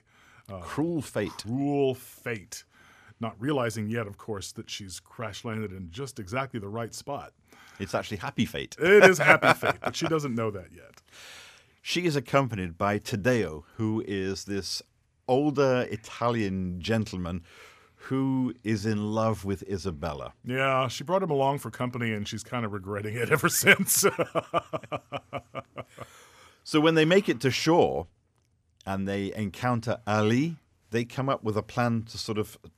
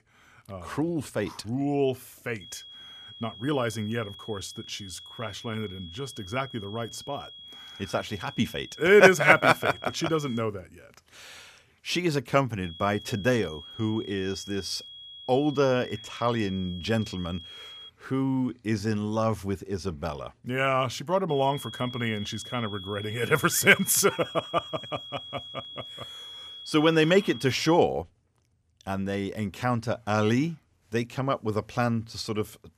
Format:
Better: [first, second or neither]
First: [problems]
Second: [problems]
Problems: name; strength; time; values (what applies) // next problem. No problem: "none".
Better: first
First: none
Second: high-pitched whine; noticeable; from 2.5 to 10 s, from 13 to 18 s and from 21 to 28 s; 3.5 kHz, 15 dB below the speech